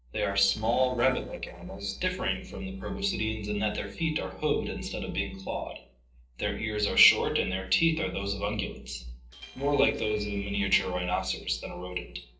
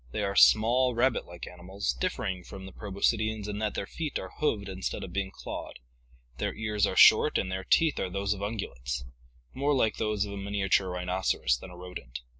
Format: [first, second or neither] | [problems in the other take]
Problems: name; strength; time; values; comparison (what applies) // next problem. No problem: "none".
second | noise reduction (neural separator model SepFormer DNS4)